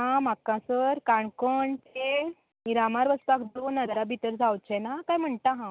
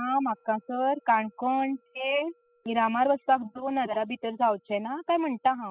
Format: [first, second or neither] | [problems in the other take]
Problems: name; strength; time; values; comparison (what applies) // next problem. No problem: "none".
first | noise reduction (classical method spectral subtraction)